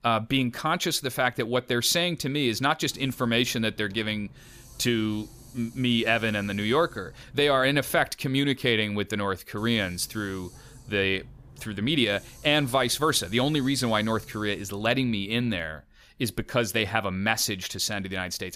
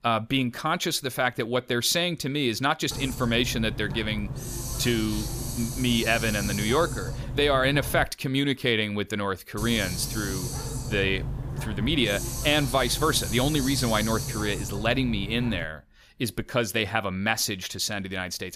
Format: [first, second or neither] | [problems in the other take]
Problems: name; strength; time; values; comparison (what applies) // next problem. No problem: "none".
first | hiss; loud; from 3 to 8 s and from 9.5 to 16 s; 7 dB below the speech; faint in the first